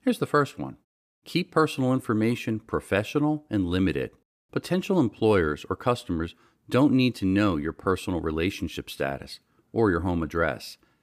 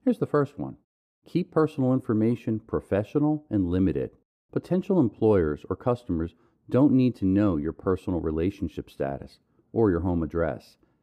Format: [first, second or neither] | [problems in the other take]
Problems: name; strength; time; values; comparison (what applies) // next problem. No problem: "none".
first | muffled; slightly; fading above 1 kHz